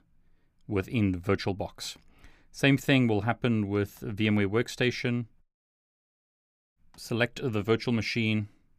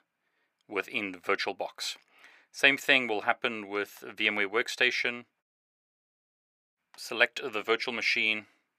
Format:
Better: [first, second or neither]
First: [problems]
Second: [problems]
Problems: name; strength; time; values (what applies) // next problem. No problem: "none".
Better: first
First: none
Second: thin; very; fading below 550 Hz